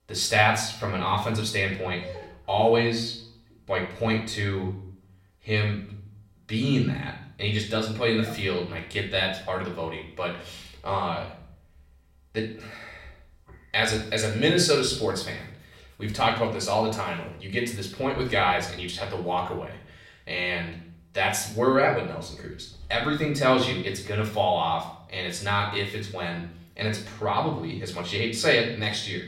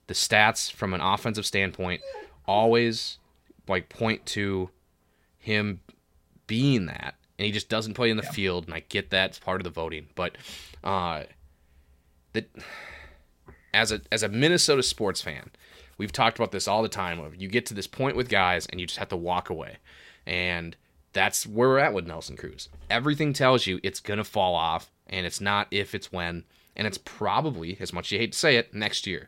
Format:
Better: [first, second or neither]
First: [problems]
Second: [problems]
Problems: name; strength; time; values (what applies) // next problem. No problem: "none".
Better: second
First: off-mic speech; far // room echo; slight; dies away in 0.6 s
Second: none